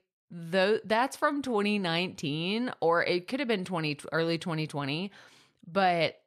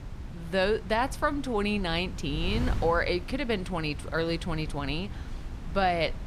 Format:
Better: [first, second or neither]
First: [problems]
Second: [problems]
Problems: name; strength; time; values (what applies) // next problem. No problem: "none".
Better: first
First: none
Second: wind noise on the microphone; occasional gusts; 20 dB below the speech